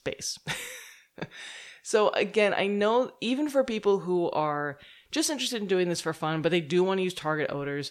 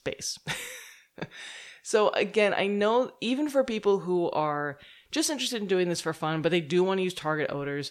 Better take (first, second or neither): neither